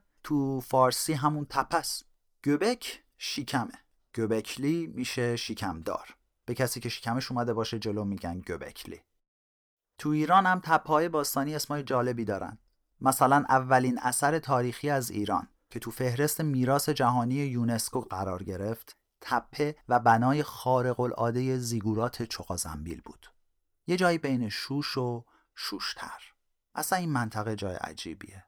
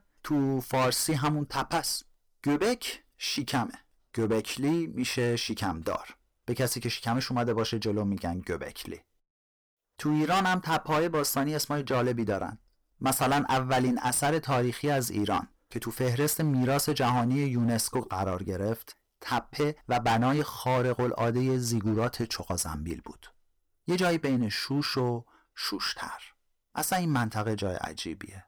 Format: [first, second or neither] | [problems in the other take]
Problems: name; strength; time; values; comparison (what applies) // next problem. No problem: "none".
first | distortion; heavy; 9% of the sound clipped